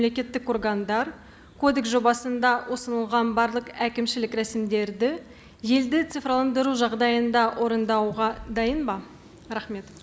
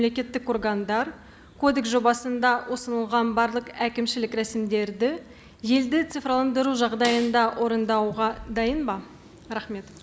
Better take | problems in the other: first | background sound (Snare drum); 14 dB below the speech

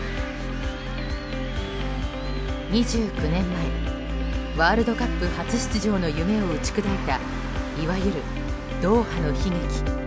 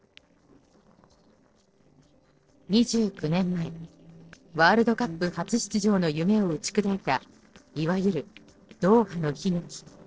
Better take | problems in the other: first | noise reduction (neural separator model SepFormer DNS4)

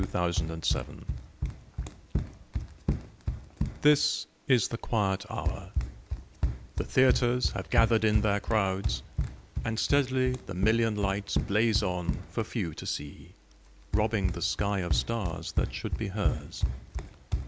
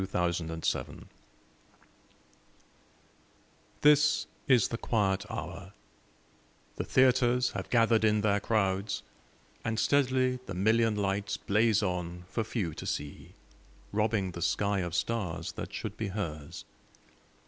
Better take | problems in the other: second | background sound (Run); 2 dB below the speech

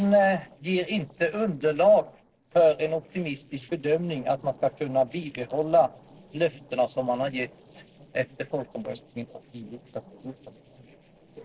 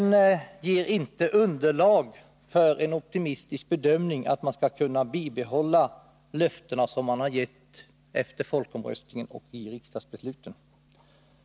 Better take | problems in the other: second | noise reduction (neural separator model SepFormer DNS4)

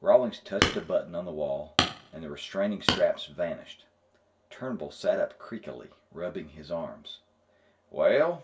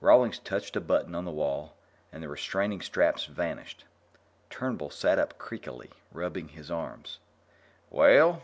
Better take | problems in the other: second | background sound (Hammer); 2 dB below the speech // room echo; dies away in 0.2 s

